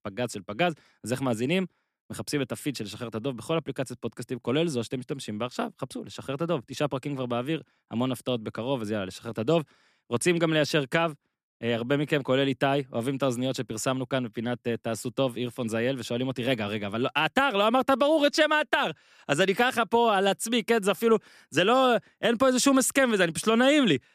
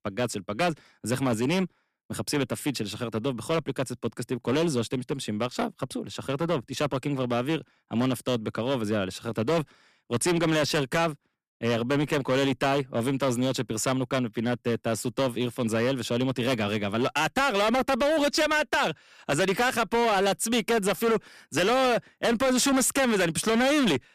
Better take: first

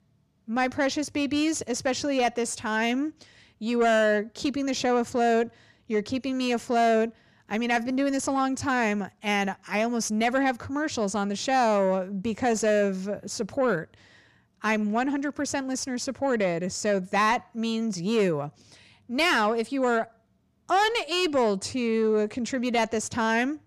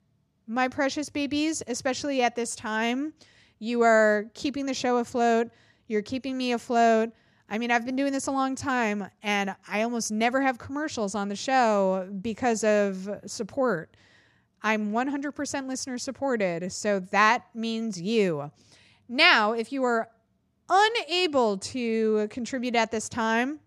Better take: second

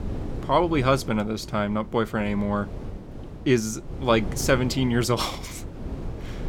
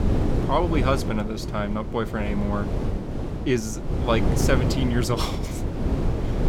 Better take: first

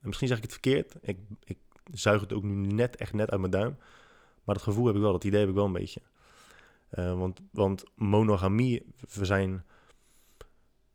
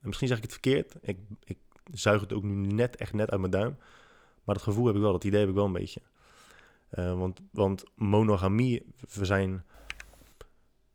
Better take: first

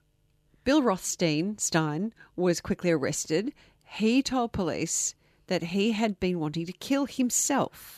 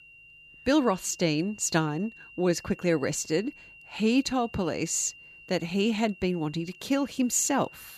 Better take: first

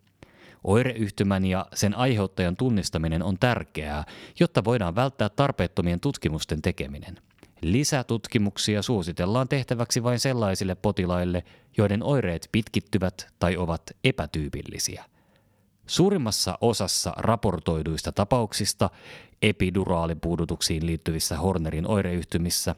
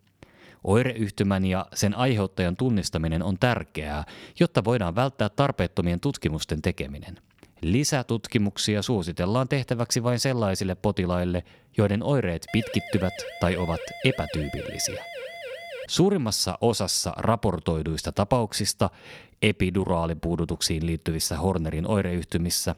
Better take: first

